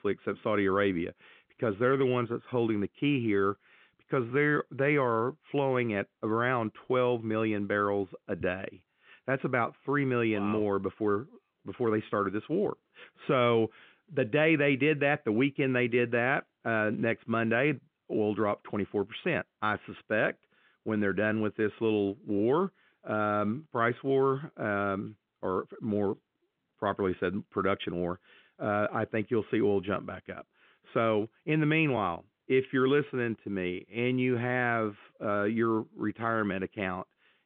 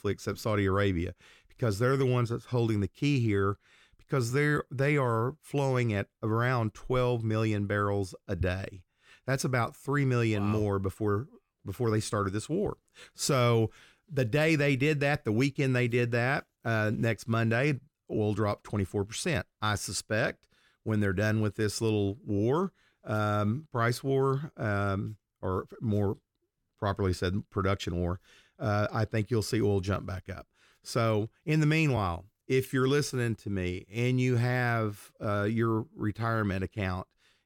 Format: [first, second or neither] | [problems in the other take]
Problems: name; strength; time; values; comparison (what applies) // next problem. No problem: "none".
second | phone-call audio; nothing above 3.5 kHz